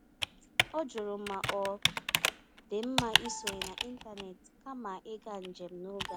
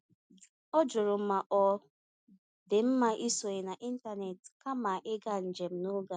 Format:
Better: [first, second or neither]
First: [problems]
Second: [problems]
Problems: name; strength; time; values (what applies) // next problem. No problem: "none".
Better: second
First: background sound (Computer keyboard); 4 dB above the speech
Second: none